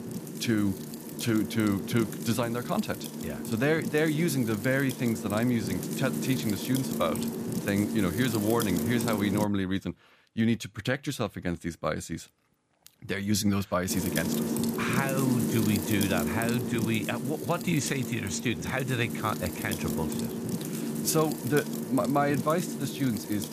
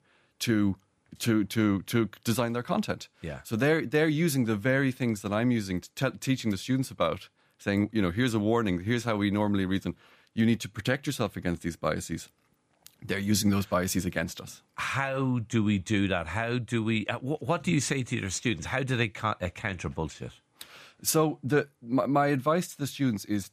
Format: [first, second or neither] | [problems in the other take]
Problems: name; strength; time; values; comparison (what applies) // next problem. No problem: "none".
second | wind noise on the microphone; heavy; until 9.5 s and from 14 s on; 6 dB below the speech